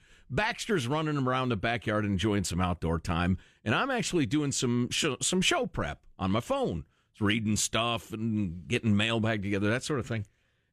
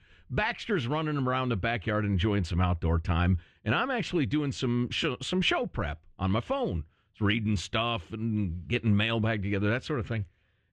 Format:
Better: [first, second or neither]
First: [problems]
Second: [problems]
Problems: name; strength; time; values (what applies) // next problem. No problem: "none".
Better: first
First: none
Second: muffled; slightly; fading above 3 kHz